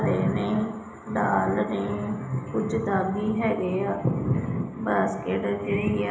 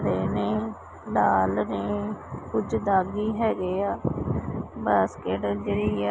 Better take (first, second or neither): second